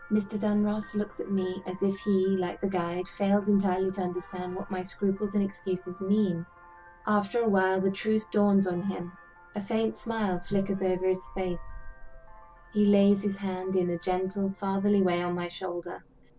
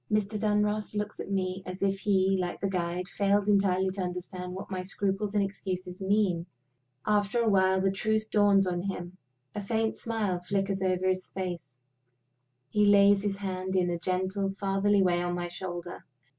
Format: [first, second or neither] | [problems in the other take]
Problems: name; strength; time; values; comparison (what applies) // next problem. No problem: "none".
second | background sound (Vehicle horn, car horn, honking); 18 dB below the speech